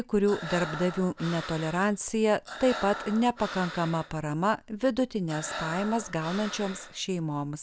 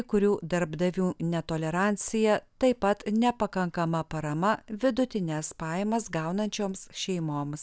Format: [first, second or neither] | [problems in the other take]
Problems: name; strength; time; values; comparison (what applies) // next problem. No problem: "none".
second | background sound (Breathing); 11 dB below the speech